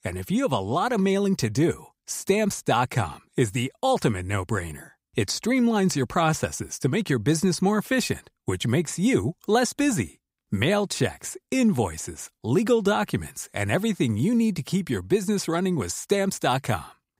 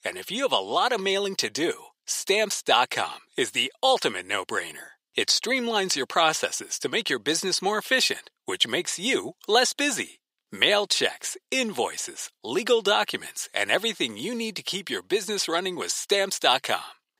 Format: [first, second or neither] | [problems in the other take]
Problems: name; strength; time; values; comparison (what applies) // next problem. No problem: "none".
first | thin; somewhat; fading below 500 Hz